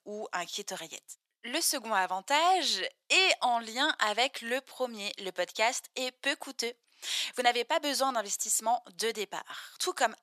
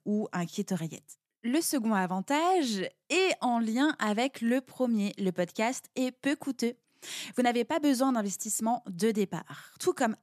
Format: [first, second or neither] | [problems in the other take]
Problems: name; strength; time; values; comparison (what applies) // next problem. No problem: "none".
second | thin; very; fading below 700 Hz